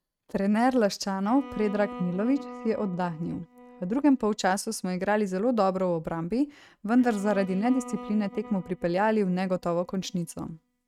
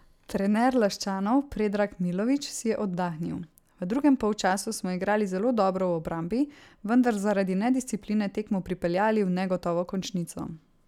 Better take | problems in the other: second | noise reduction (neural mask model RNNoise)

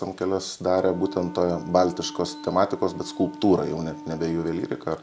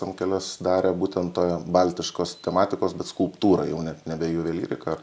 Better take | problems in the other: second | background sound (Wind instrument, woodwind instrument); 16 dB below the speech

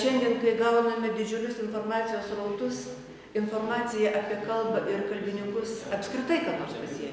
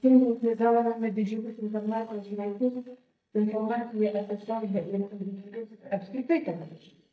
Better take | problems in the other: first | noise reduction (neural mask model DeepFilterNet 3)

